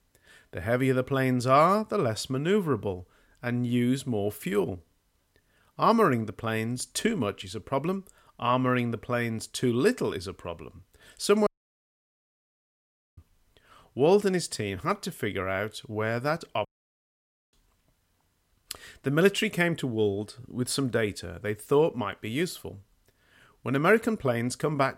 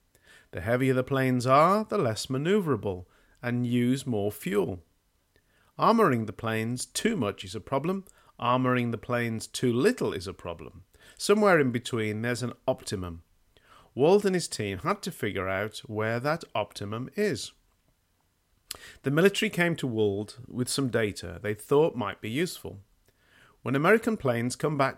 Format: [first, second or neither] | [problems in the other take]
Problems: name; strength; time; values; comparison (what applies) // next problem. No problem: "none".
second | audio cutting out; at 11 s for 1.5 s and at 17 s for 1 s